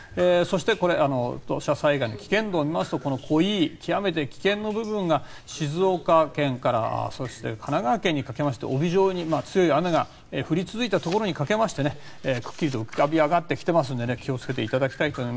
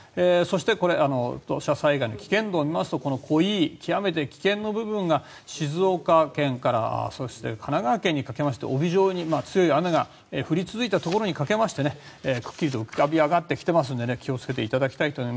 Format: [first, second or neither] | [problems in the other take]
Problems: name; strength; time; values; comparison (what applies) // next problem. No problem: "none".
second | background sound (Drip); 19 dB below the speech